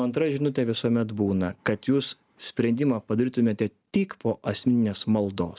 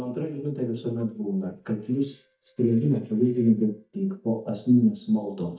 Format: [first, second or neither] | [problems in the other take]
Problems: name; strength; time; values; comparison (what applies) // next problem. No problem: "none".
first | noise reduction (neural mask model DeepFilterNet 3)